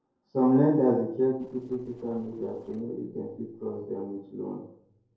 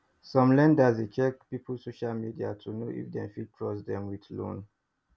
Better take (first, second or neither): second